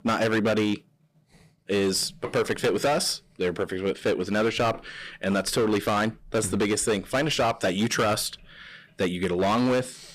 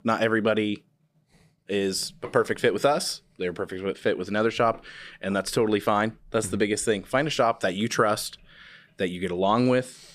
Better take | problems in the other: second | distortion; heavy; 13% of the sound clipped

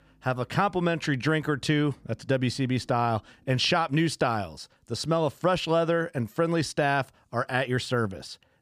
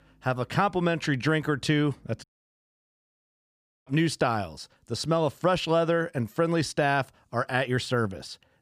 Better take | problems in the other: first | audio cutting out; at 2 s for 1.5 s

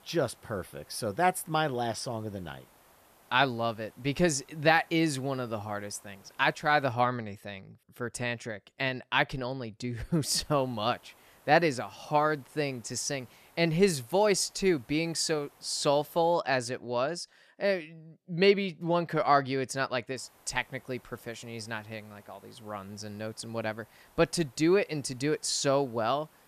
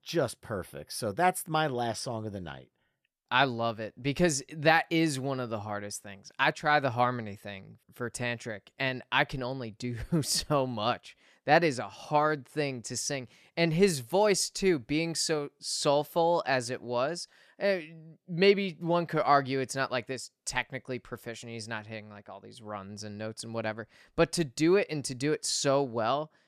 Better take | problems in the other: second | hiss; faint; until 7 s, from 10 to 16 s and from 20 s on; 30 dB below the speech

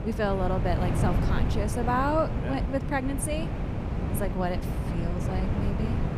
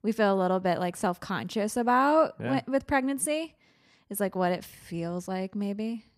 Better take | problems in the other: second | wind noise on the microphone; heavy; 6 dB below the speech

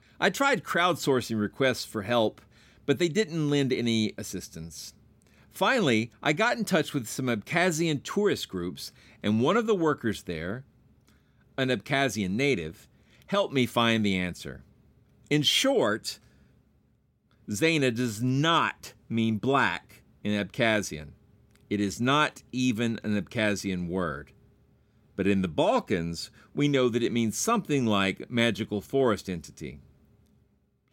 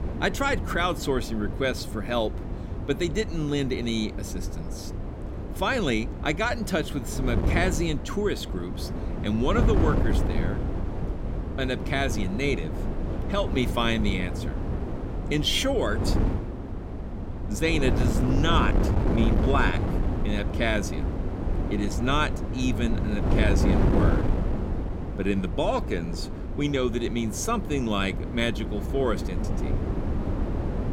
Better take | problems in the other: first | wind noise on the microphone; heavy; 7 dB below the speech

